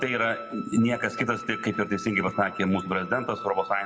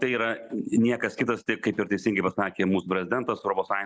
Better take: second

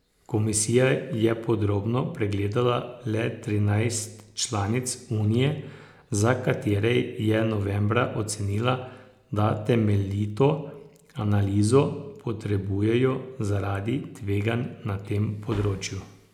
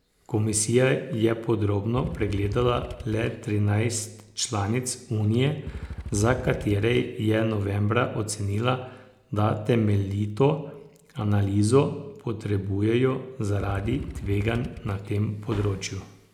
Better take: first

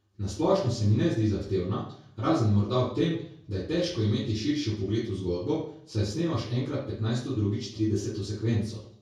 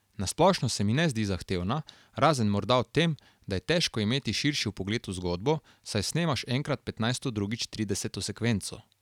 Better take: second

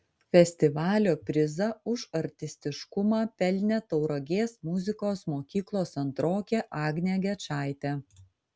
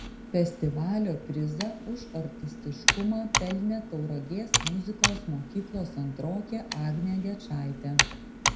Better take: first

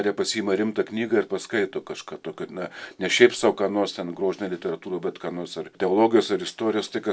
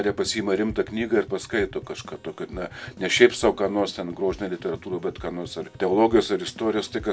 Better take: first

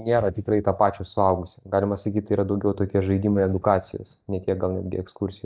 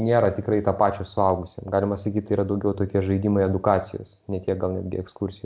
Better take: second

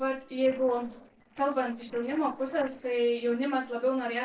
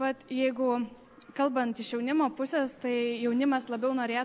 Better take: second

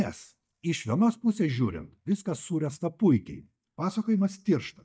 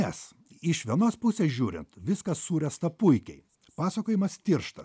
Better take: second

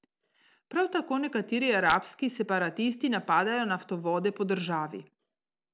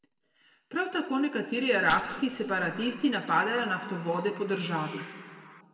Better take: first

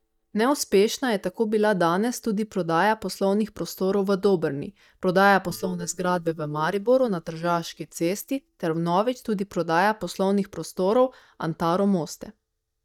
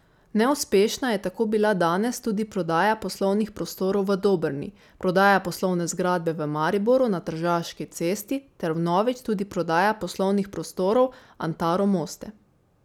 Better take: second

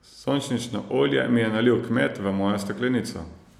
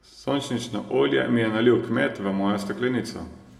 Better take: first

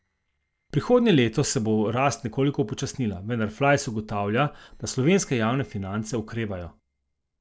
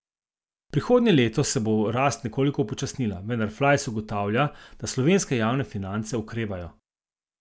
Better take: second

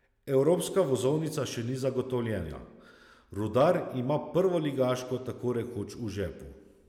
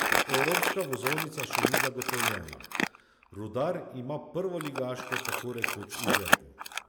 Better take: first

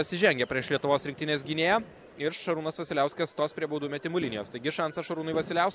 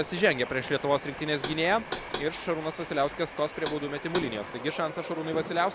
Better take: first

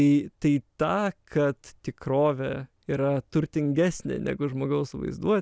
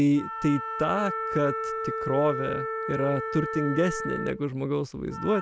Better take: first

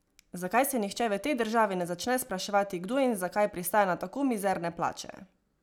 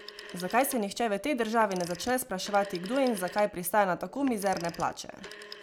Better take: first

